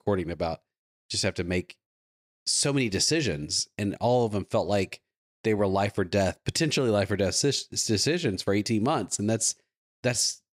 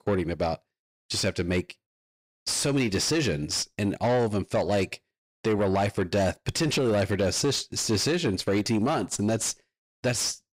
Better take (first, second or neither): first